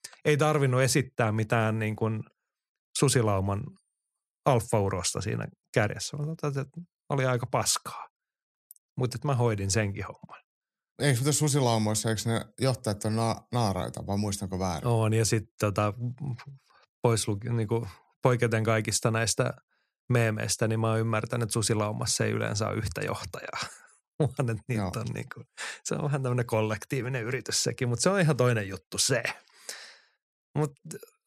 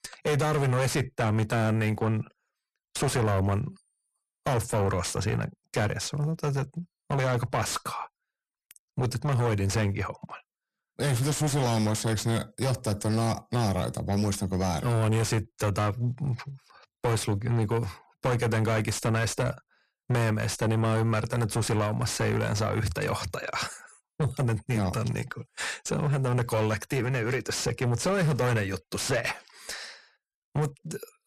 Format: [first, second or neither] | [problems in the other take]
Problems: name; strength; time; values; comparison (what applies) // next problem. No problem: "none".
first | distortion; heavy; 6 dB below the speech